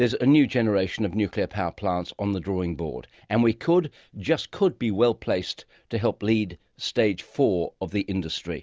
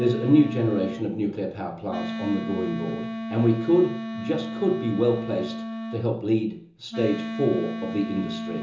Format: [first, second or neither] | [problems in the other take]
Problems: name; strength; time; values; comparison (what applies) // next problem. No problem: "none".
first | background sound (Wind instrument, woodwind instrument); 8 dB below the speech // room echo; dies away in 0.6 s